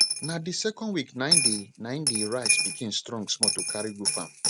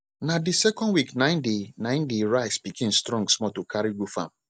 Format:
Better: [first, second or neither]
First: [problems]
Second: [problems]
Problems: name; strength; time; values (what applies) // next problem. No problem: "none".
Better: second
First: background sound (Coin (dropping)); 4 dB above the speech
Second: none